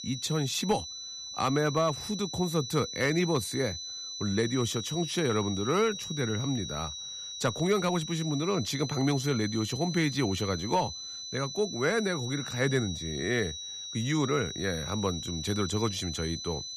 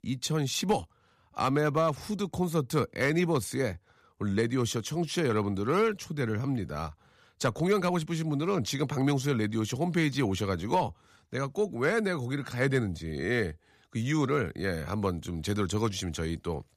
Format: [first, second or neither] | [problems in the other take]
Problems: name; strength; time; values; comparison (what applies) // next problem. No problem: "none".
second | high-pitched whine; loud; throughout; 4 kHz, 7 dB below the speech